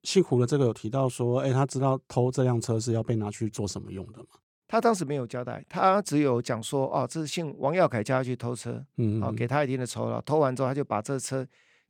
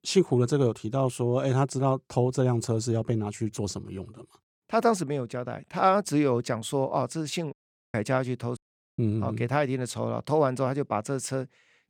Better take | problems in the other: first | audio cutting out; at 7.5 s and at 8.5 s

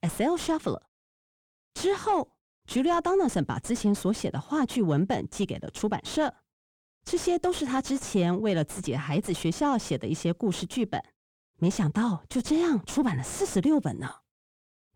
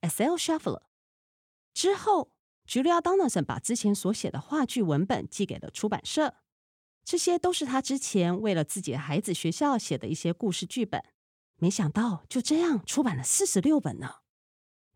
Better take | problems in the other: second | distortion; slight; 9 dB below the speech

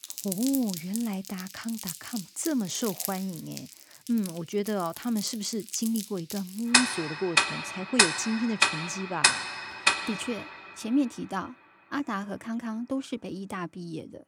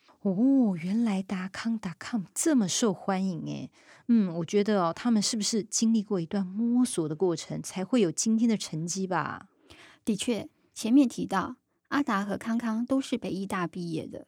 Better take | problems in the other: second | household noises; very loud; throughout; 5 dB above the speech

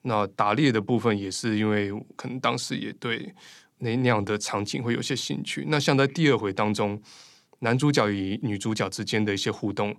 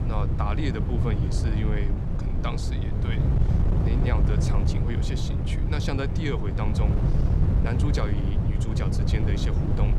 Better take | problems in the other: first | wind noise on the microphone; heavy; 1 dB below the speech

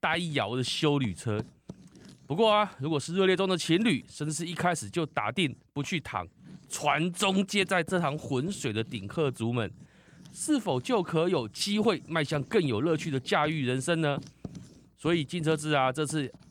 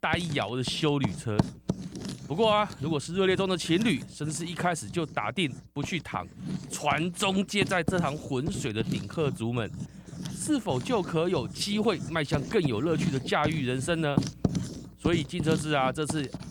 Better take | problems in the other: first | household noises; loud; throughout; 7 dB below the speech; faint in the first

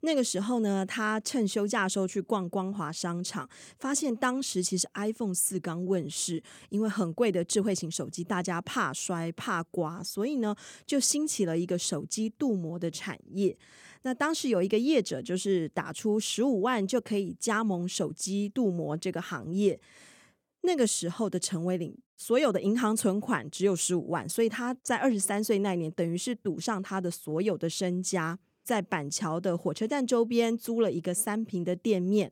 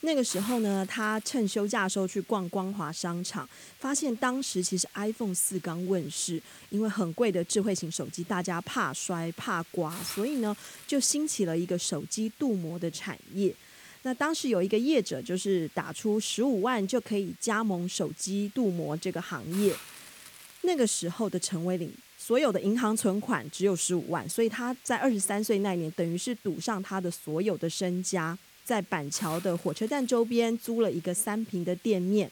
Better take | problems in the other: first | hiss; noticeable; throughout; 20 dB below the speech

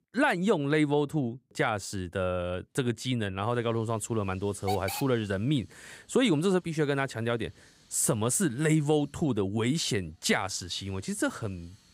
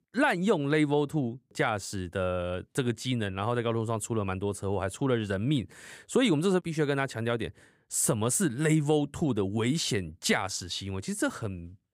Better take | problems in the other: second | hiss; loud; from 3.5 s on; 8 dB below the speech

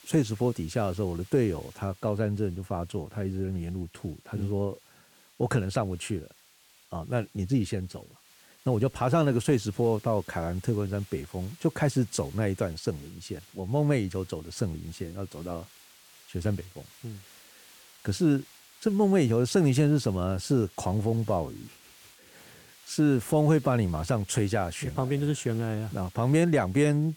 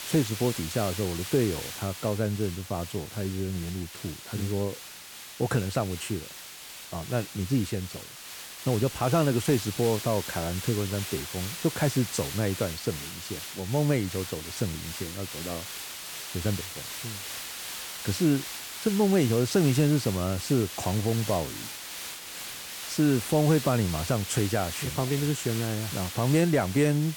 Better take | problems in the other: first | hiss; loud; throughout; 8 dB below the speech; faint in the first

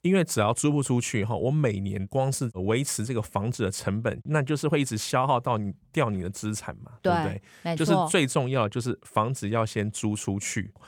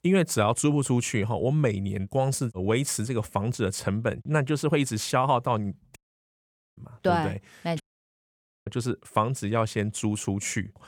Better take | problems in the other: first | audio cutting out; at 6 s for 1 s and at 8 s for 1 s

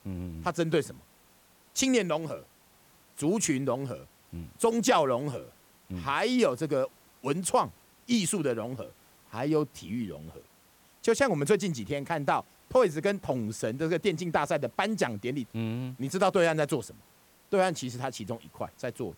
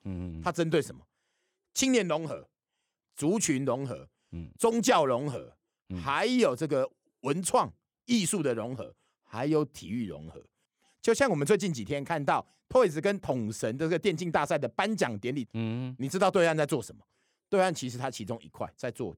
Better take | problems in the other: second | hiss; faint; throughout; 30 dB below the speech

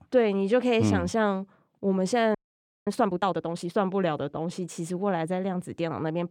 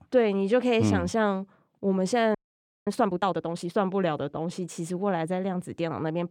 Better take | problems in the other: neither | audio freezing; at 2.5 s for 0.5 s; the same in both

